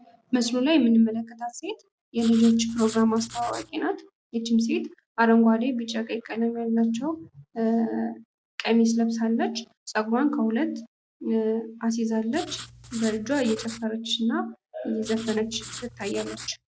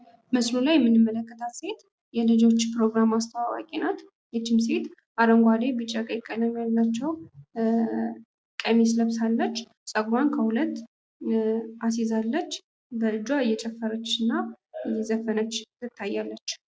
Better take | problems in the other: second | background sound (Writing); 16 dB below the speech

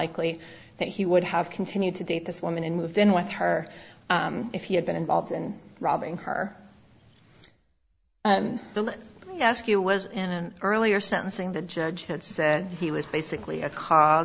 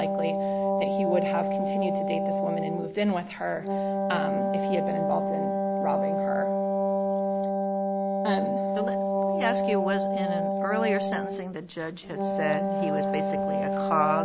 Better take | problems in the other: first | background sound (Wind instrument, woodwind instrument); 5 dB above the speech

